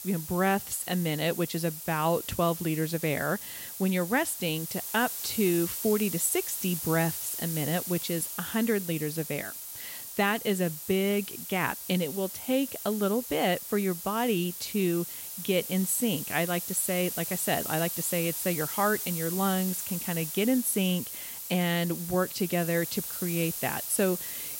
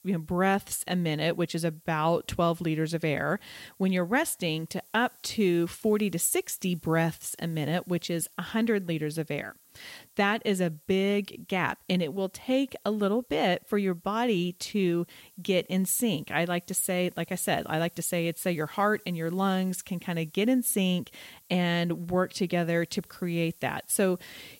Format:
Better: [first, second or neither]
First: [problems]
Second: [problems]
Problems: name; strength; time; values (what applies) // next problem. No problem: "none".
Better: second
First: hiss; loud; throughout; 5 dB below the speech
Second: hiss; faint; throughout; 25 dB below the speech